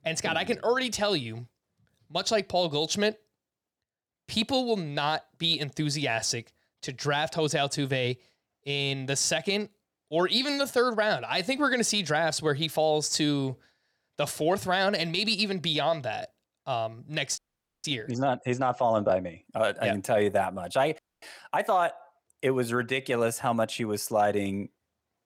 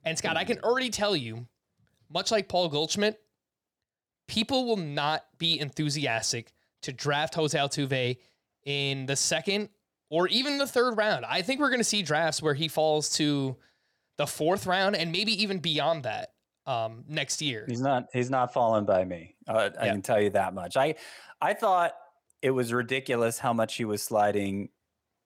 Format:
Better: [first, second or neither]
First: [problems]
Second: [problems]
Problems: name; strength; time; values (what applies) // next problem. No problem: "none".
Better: second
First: audio freezing; at 17 s and at 21 s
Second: none